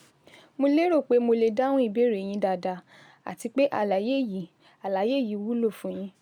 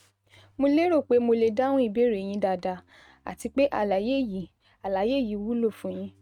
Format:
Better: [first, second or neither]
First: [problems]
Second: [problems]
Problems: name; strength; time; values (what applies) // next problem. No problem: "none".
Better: first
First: none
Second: noise reduction (neural mask model RNNoise)